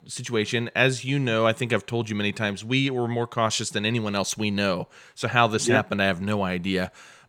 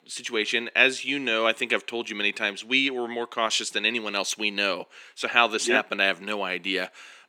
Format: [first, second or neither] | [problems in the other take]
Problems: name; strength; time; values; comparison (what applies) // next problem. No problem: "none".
first | thin; somewhat; fading below 250 Hz